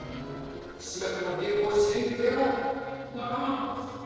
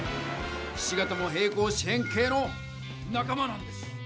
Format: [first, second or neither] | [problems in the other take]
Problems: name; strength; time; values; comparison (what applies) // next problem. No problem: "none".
second | noise reduction (neural separator model SepFormer DNS4)